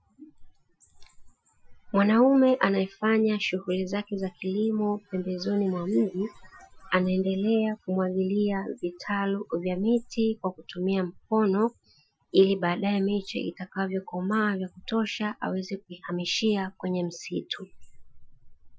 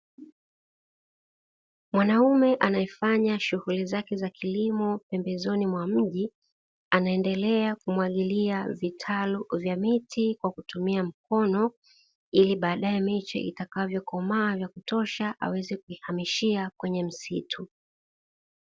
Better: second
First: noise reduction (classical method Wiener filter)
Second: none

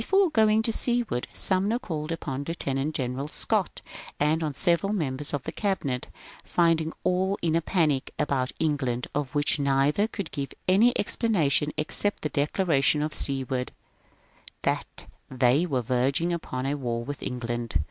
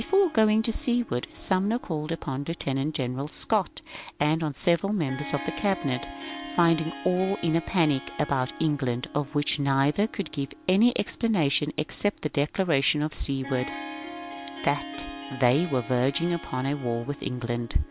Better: first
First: none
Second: background sound (Harp); 15 dB below the speech

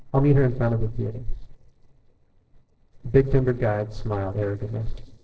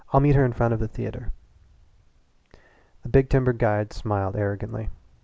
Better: second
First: noise reduction (neural separator model SepFormer DNS4)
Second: none

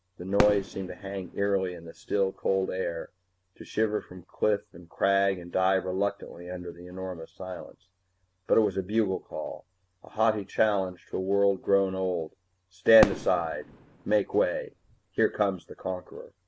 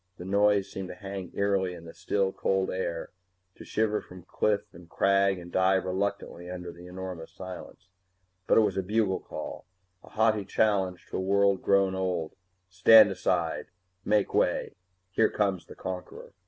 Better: second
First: background sound (Fireworks); 8 dB below the speech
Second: none

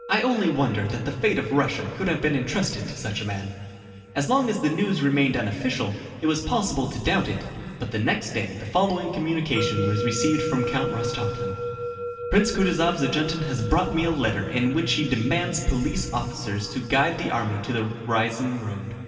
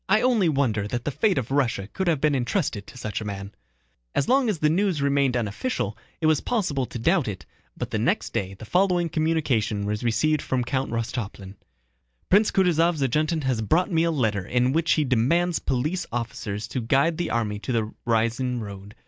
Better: second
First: background sound (Musical instrument); 11 dB below the speech // room echo; dies away in 2.5 s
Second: none

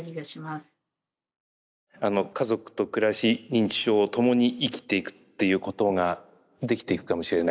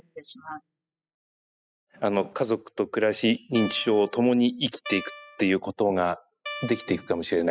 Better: first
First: none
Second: noise reduction (classical method spectral subtraction)

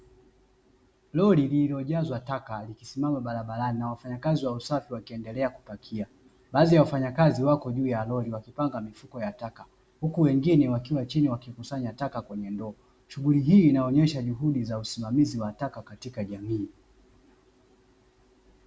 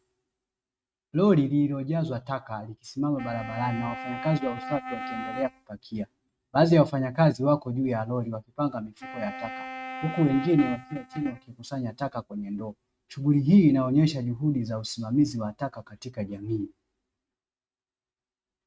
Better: first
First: none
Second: noise reduction (neural mask model RNNoise)

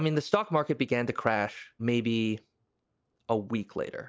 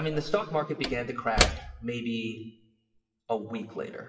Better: first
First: none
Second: noise reduction (classical method WPE with log-MMSE)

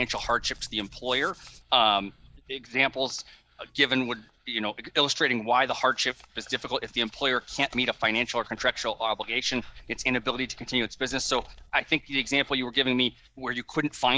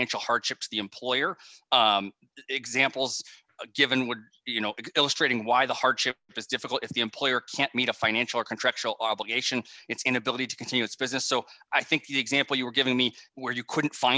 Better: second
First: noise reduction (neural mask model DeepFilterNet 3)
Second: none

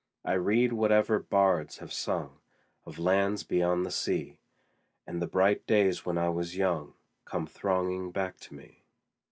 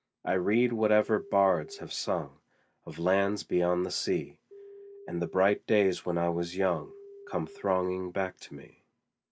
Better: first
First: none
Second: background sound (Telephone); 18 dB below the speech

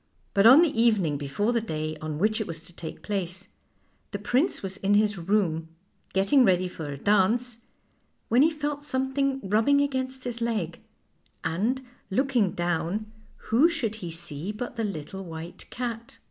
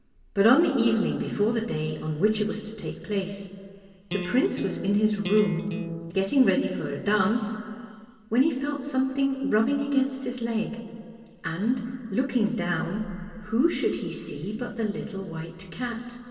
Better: first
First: none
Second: background sound (Electric guitar); 8 dB below the speech // room echo; dies away in 2.3 s

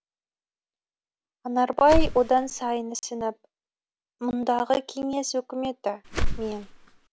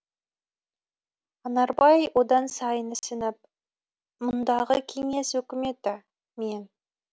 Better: second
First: background sound (Whoosh, swoosh, swish); 1 dB above the speech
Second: none

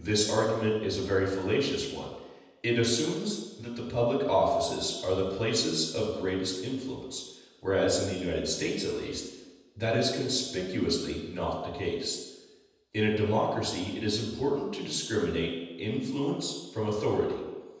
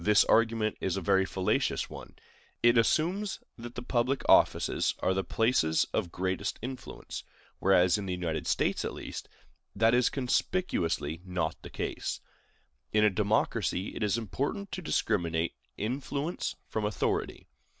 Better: second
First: room echo; dies away in 1.1 s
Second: none

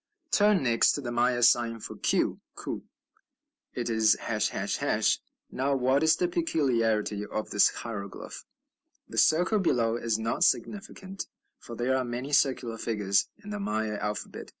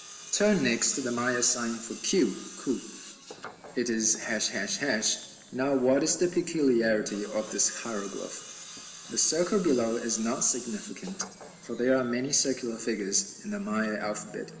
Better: first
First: none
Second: background sound (Tools); 17 dB below the speech // room echo; dies away in 2.4 s

